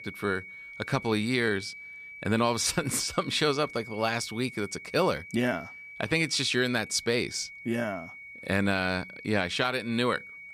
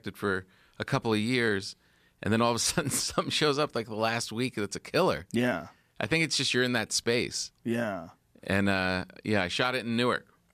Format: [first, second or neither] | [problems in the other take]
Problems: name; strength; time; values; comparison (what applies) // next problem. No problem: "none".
second | high-pitched whine; noticeable; throughout; 2 kHz, 15 dB below the speech